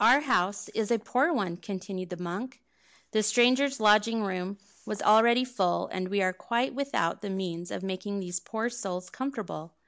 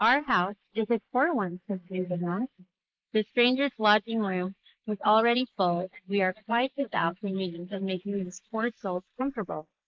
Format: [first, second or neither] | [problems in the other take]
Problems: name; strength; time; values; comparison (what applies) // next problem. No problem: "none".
first | noise reduction (neural mask model Resemble Enhance denoiser)